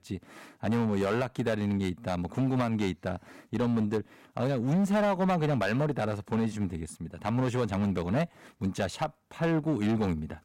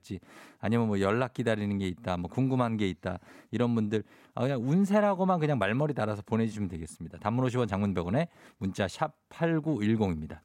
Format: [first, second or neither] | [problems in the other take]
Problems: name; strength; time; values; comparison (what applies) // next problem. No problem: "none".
second | distortion; slight; 9% of the sound clipped